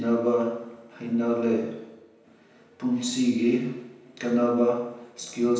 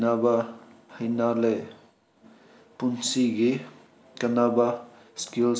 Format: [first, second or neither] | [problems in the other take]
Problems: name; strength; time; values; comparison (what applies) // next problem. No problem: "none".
second | room echo; dies away in 0.9 s